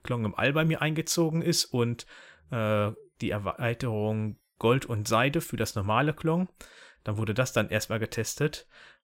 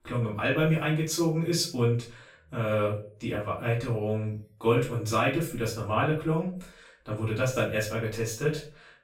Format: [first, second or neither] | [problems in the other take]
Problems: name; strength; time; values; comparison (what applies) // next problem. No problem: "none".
first | off-mic speech; far // room echo; slight; dies away in 0.3 s